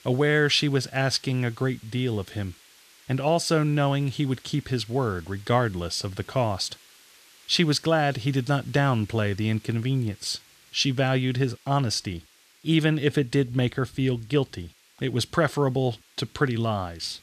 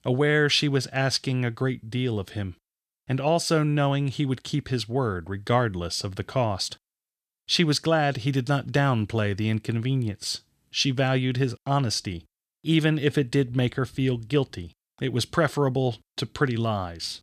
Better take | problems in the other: second | hiss; faint; throughout; 25 dB below the speech

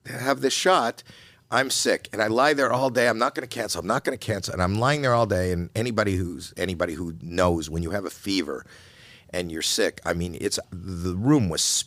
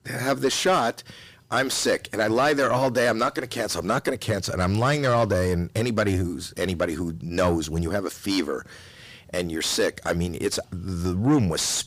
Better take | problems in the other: first | distortion; slight; 10 dB below the speech

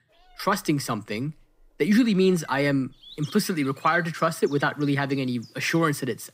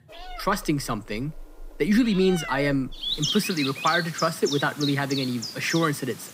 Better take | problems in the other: first | animal sounds; loud; throughout; 6 dB below the speech; faint in the first

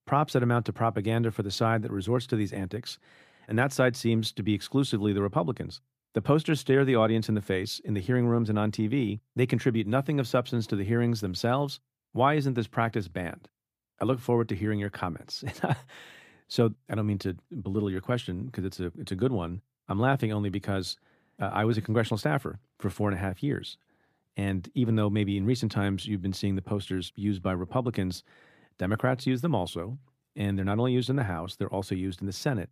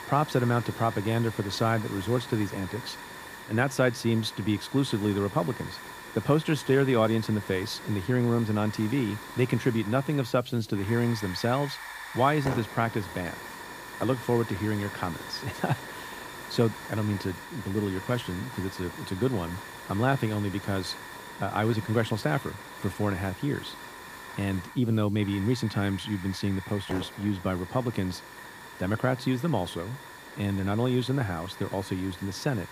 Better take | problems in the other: first | hiss; noticeable; throughout; 10 dB below the speech

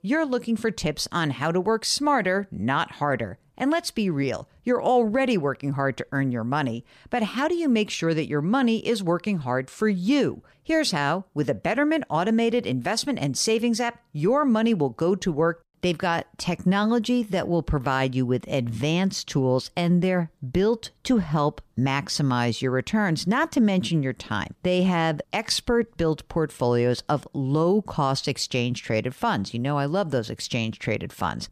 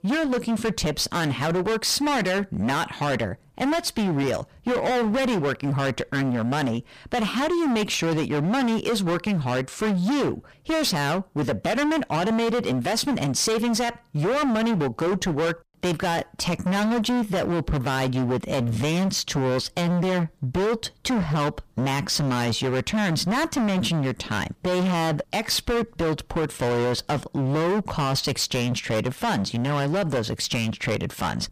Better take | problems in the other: first | distortion; heavy; 31% of the sound clipped

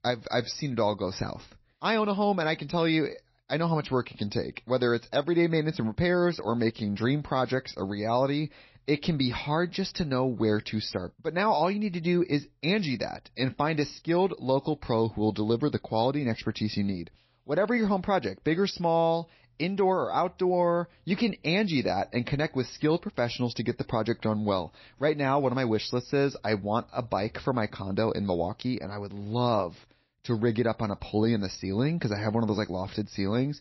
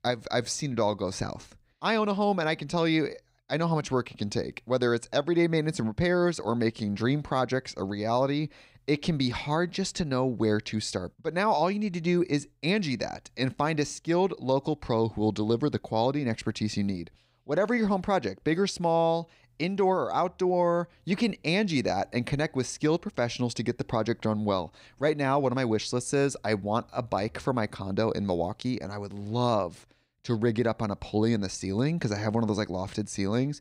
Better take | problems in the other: second | garbled, watery; slightly; nothing above 5.5 kHz

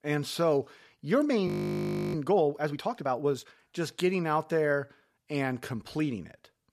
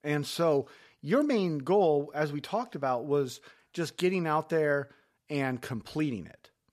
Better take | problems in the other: second | audio freezing; at 1.5 s for 0.5 s

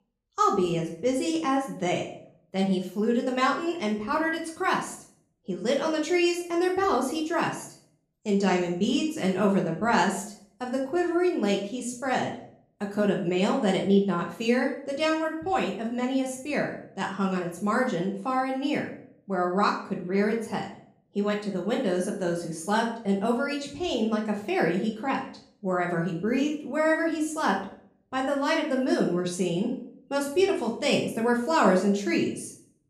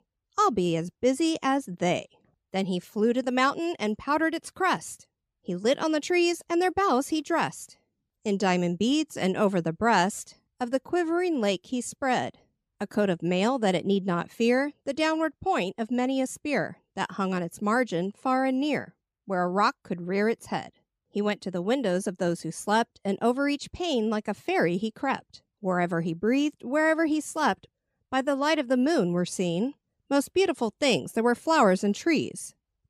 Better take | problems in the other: second | room echo; slight; dies away in 0.5 s // off-mic speech; far

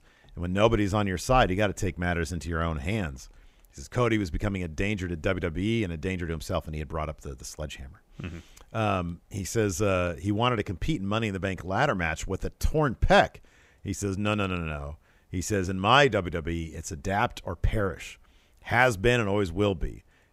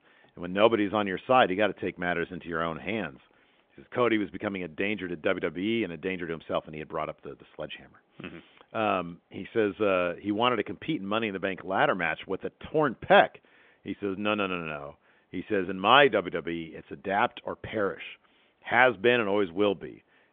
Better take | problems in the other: first | phone-call audio; nothing above 3.5 kHz

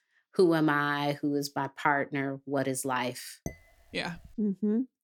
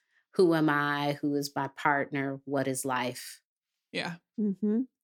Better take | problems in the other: second | clattering dishes; faint; at 3.5 s; peak 15 dB below the speech

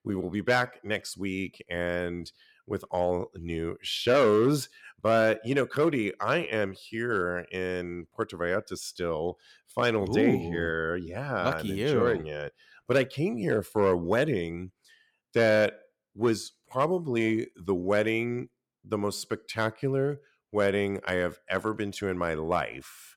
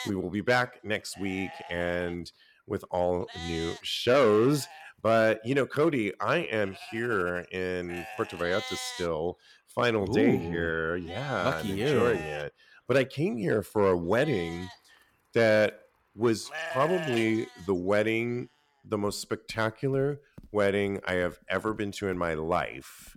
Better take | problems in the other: first | animal sounds; noticeable; throughout; 10 dB below the speech

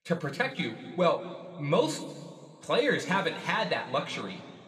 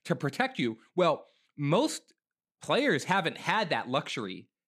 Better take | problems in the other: second | room echo; slight; dies away in 1.8 s

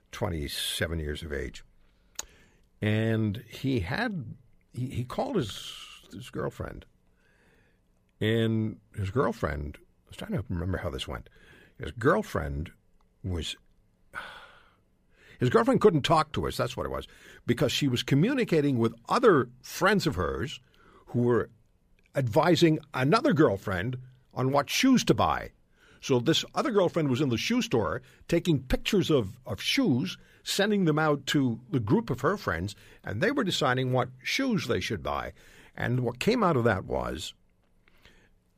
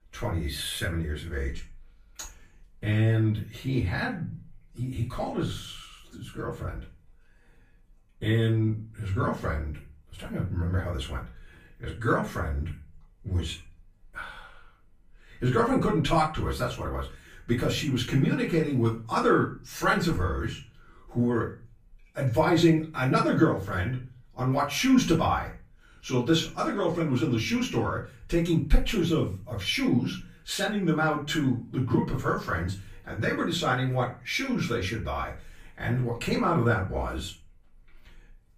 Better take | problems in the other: first | room echo; slight; dies away in 0.3 s // off-mic speech; far

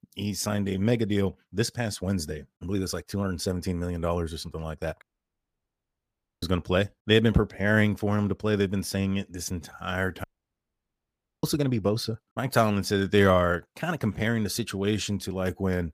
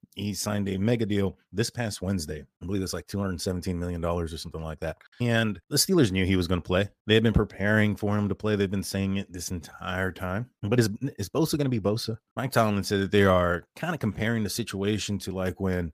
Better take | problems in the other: second | audio cutting out; at 5 s for 1.5 s and at 10 s for 1 s

